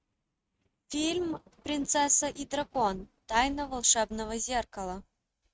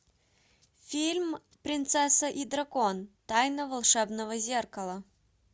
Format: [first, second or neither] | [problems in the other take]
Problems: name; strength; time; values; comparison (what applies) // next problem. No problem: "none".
second | noise reduction (neural mask model RNNoise)